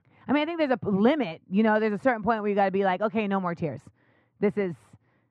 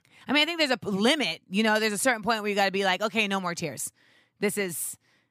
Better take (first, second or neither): second